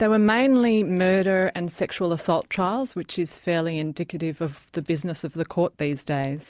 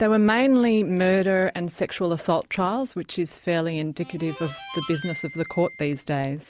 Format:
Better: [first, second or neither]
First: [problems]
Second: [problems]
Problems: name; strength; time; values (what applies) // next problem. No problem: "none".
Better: first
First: none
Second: background sound (Harmonica); 16 dB below the speech